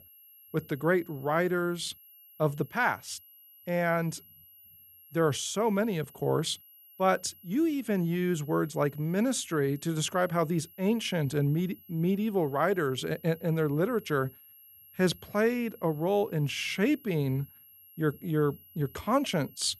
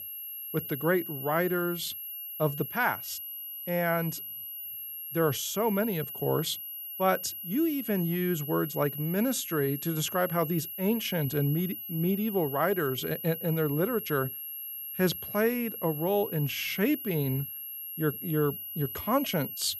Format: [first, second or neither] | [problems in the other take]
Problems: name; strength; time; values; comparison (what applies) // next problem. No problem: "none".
first | high-pitched whine; loud; throughout; 11.5 kHz, 7 dB below the speech; faint in the first